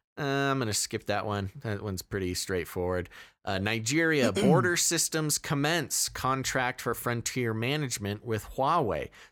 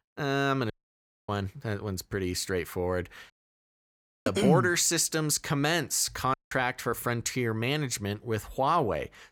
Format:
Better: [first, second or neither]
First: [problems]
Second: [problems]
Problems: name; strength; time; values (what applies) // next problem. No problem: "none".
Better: first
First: none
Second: audio cutting out; at 0.5 s for 0.5 s, at 3.5 s for 1 s and at 6.5 s